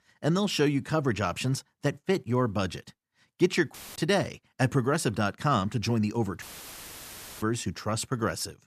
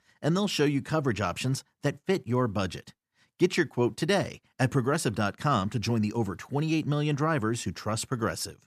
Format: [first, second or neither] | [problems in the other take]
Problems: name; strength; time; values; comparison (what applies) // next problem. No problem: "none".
second | audio cutting out; filled with static; at 3.5 s and at 6.5 s for 1 s